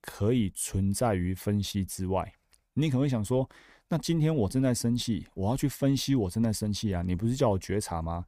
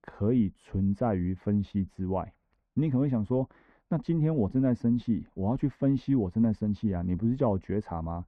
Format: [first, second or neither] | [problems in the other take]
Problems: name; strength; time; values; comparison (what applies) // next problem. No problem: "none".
first | muffled; very; fading above 1.5 kHz